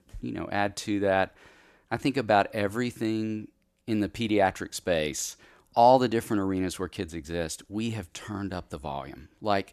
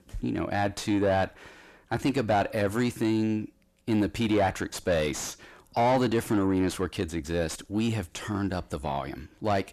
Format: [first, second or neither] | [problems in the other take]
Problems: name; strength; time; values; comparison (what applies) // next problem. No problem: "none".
first | distortion; heavy; 6 dB below the speech